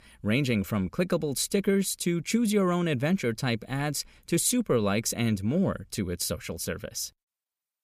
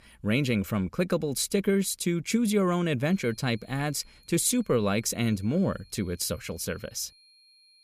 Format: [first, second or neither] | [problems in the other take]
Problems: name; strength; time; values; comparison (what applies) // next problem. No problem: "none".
first | high-pitched whine; faint; from 3 s on; 4 kHz, 30 dB below the speech